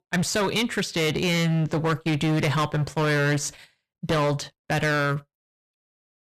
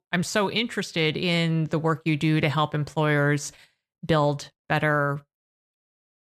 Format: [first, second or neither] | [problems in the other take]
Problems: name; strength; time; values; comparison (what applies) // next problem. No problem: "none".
second | distortion; heavy; 17% of the sound clipped